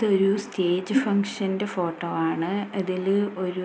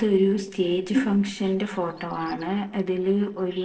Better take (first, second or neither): first